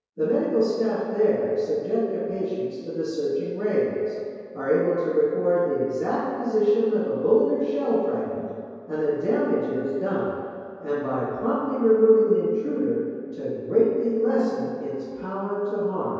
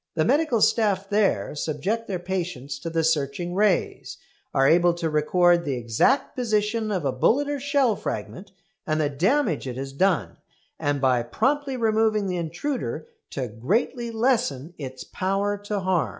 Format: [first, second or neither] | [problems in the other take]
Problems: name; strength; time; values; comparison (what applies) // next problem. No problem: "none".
second | room echo; dies away in 2.2 s